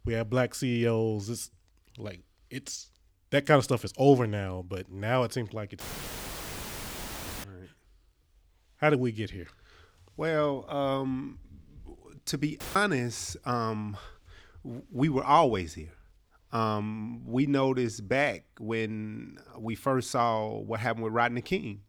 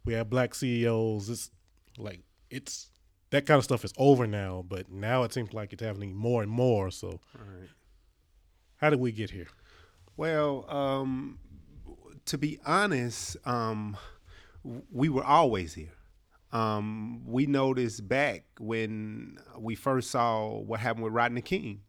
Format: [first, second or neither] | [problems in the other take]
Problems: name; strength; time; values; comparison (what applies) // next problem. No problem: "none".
second | audio cutting out; filled with static; at 6 s for 1.5 s and at 13 s